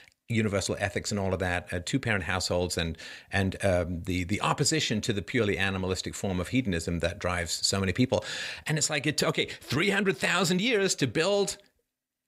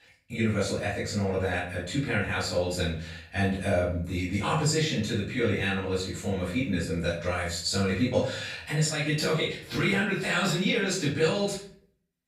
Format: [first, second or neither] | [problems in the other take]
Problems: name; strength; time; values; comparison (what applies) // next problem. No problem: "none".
first | off-mic speech; far // room echo; noticeable; dies away in 0.5 s